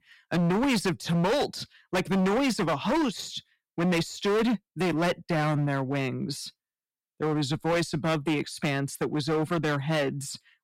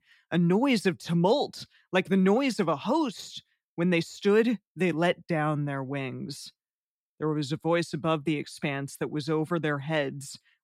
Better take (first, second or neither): second